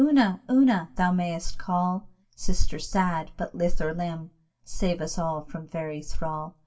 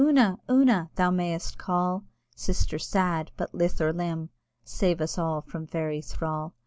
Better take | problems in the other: second | room echo; dies away in 0.2 s

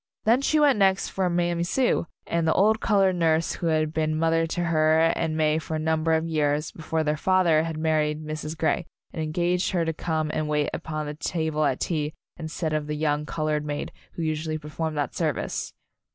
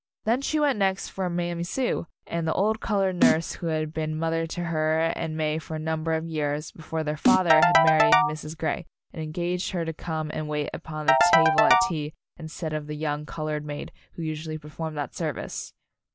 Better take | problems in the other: first | background sound (Snare drum + Ringtone / Keyboard (musical)); 4 dB above the speech

